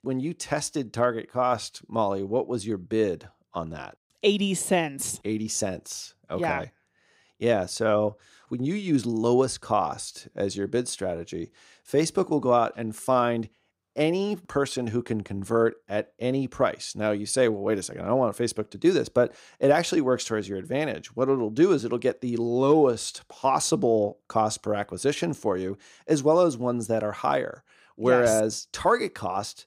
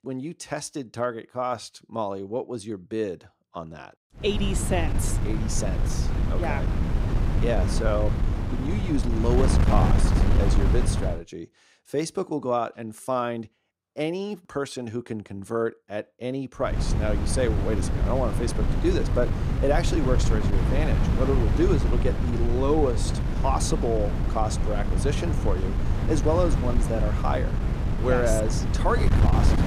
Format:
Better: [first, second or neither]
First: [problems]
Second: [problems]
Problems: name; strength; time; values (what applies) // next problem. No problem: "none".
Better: first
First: none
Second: wind noise on the microphone; heavy; from 4 to 11 s and from 17 s on; 5 dB below the speech